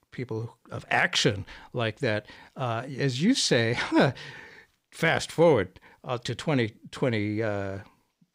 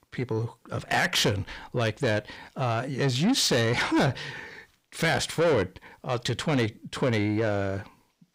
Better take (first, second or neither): first